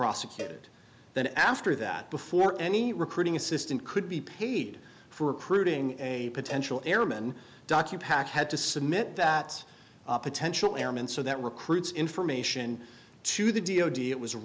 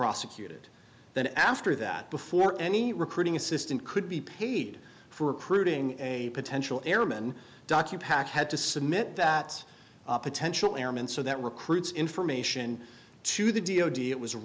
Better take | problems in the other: second | background sound (Cowbell); 18 dB below the speech

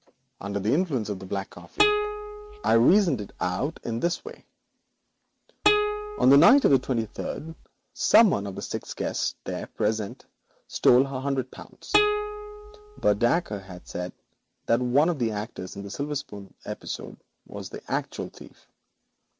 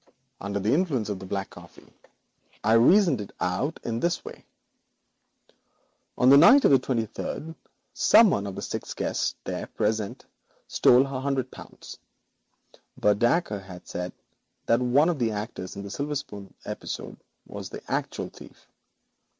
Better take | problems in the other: second | background sound (Plucked string instrument); 3 dB below the speech

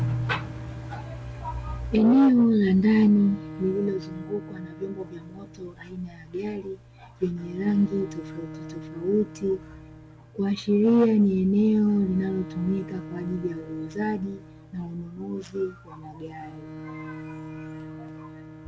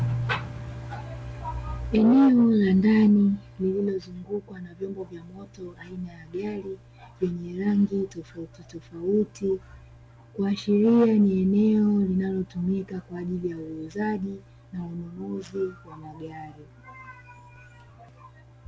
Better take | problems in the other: second | background sound (Bowed string instrument); 16 dB below the speech

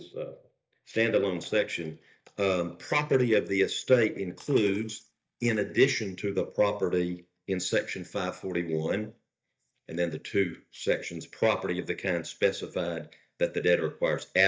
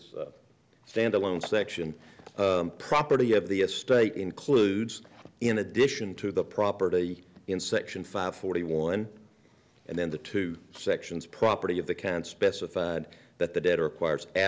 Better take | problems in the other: second | noise reduction (neural mask model DeepFilterNet 3)

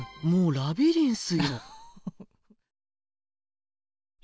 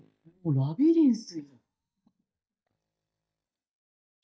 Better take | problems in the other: first | noise reduction (neural mask model DeepFilterNet 3)

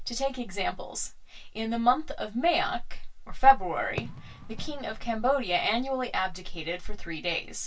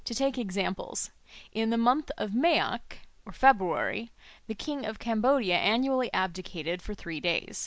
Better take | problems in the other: second | background sound (Fireworks); 18 dB below the speech // room echo; dies away in 0.2 s

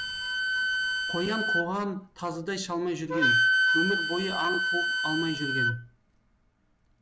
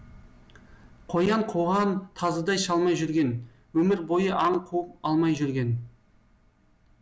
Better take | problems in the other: second | background sound (Wind instrument, woodwind instrument); 4 dB above the speech

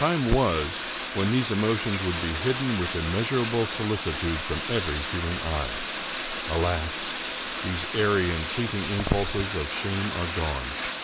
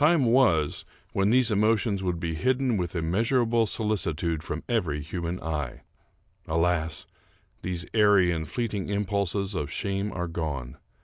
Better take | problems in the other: second | background sound (Bathtub (filling or washing)); 4 dB below the speech

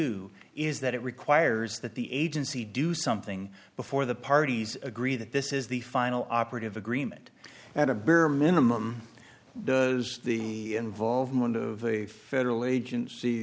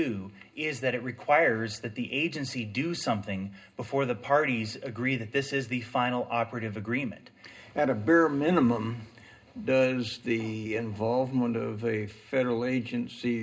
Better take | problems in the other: first | room echo; dies away in 0.2 s

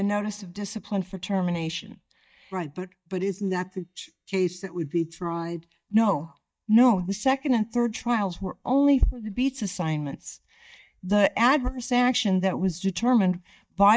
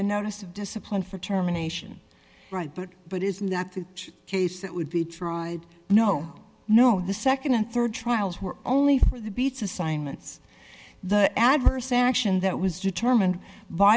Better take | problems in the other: second | noise reduction (neural mask model DeepFilterNet 3)

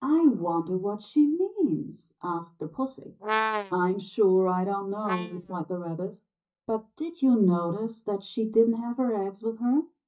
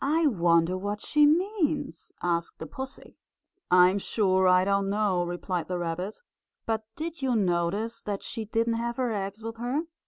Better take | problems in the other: second | noise reduction (neural mask model DeepFilterNet 3)

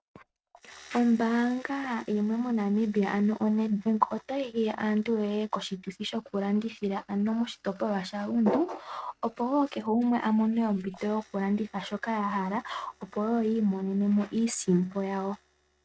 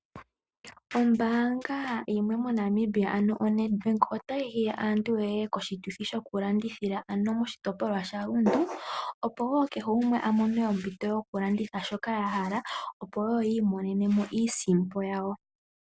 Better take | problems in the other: second | noise reduction (neural mask model RNNoise)

